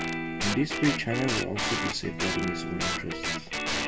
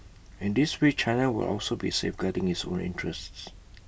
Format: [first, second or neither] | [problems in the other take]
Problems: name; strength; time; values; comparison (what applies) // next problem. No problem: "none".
second | background sound (Guitar); 1 dB above the speech // room echo; dies away in 1 s